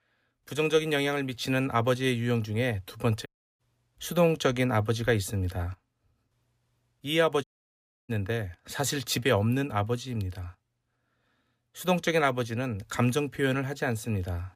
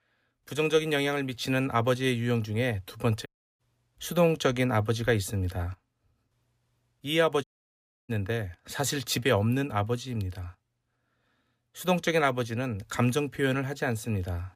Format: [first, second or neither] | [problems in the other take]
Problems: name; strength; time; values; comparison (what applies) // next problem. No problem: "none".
neither | audio cutting out; at 3.5 s and at 7.5 s for 0.5 s; the same in both